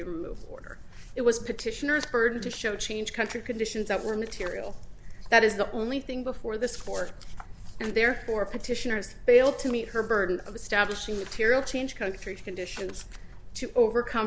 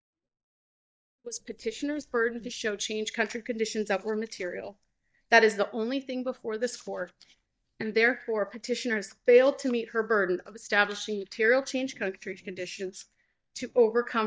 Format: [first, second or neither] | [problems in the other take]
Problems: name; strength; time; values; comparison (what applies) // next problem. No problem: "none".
first | noise reduction (neural mask model DeepFilterNet 3)